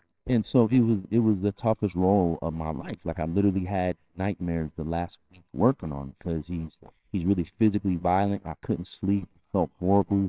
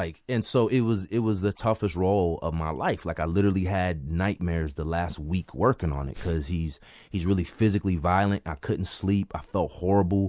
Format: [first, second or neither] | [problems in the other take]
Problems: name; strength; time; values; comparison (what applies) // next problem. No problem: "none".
second | noise reduction (neural separator model SepFormer WHAMR!)